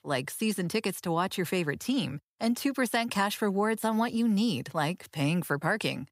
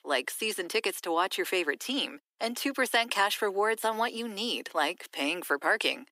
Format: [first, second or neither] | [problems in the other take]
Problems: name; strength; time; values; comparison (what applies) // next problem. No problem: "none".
first | thin; somewhat; fading below 300 Hz